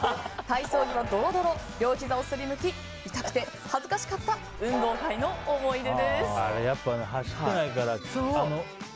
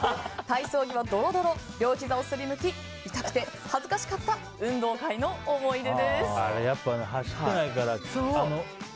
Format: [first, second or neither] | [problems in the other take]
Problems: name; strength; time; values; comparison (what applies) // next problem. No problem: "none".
second | background sound (Train); 11 dB below the speech